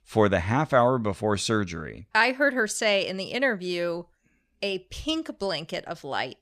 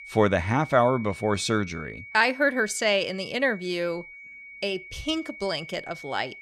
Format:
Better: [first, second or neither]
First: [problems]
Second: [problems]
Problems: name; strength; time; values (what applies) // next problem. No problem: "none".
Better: first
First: none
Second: high-pitched whine; noticeable; throughout; 2 kHz, 15 dB below the speech